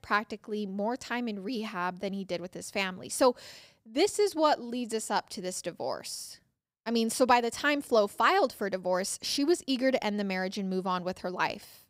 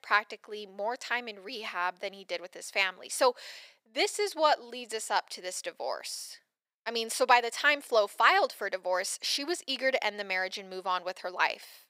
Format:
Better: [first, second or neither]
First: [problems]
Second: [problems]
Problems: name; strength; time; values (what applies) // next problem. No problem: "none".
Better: first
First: none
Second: thin; very; fading below 600 Hz